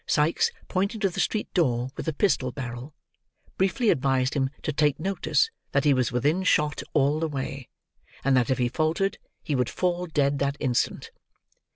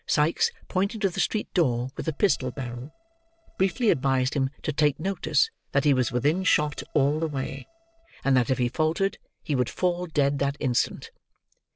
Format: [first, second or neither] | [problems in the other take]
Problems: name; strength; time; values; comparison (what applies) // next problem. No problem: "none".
first | noise reduction (neural separator model SepFormer DNS4)